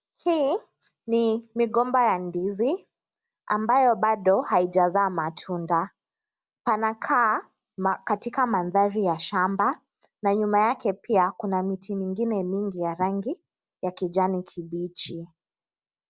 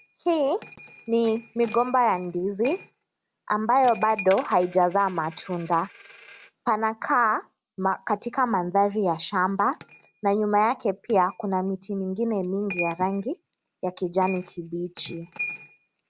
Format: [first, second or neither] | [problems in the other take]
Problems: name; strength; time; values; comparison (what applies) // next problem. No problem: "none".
first | background sound (Coin (dropping)); 18 dB below the speech